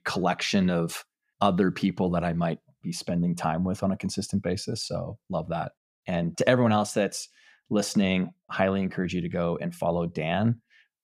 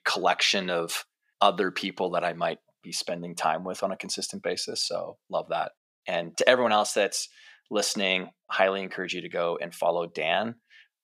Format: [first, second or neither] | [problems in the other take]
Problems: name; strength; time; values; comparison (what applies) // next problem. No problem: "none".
first | thin; somewhat; fading below 450 Hz